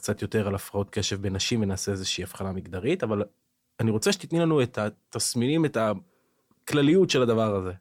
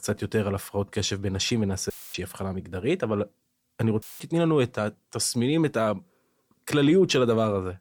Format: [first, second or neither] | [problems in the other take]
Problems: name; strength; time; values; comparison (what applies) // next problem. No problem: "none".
first | audio cutting out; filled with static; at 2 s and at 4 s